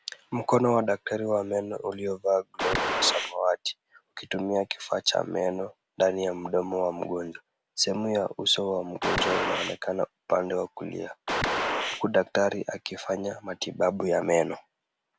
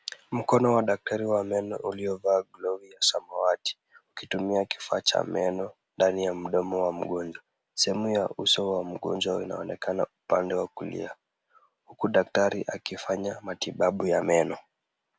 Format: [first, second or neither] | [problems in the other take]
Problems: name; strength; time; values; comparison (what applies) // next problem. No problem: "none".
second | background sound (Gunshot, gunfire); 1 dB below the speech